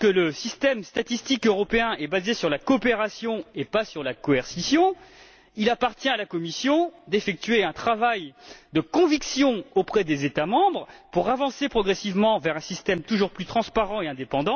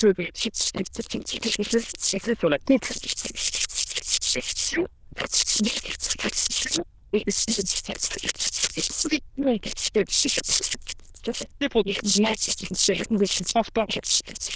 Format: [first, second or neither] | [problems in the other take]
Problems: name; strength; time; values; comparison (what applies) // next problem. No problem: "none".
first | noise reduction (neural diffusion model UNIVERSE++)